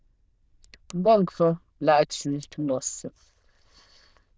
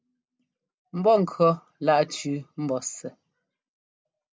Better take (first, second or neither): second